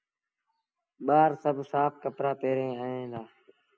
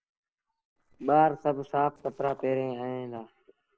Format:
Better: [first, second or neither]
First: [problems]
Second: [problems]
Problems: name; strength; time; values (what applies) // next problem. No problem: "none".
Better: first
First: none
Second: noise reduction (neural separator model SepFormer DNS4)